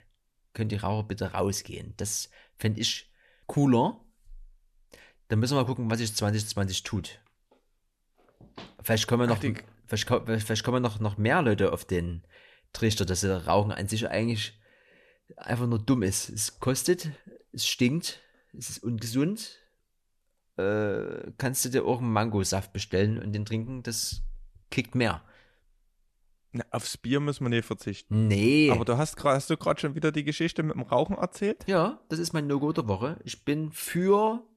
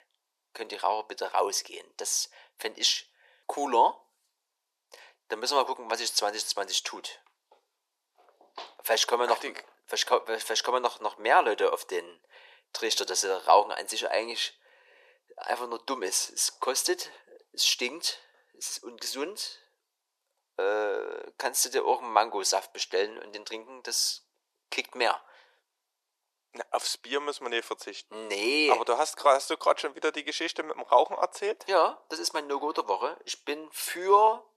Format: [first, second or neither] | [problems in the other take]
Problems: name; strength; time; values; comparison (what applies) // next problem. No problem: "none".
first | thin; very; fading below 400 Hz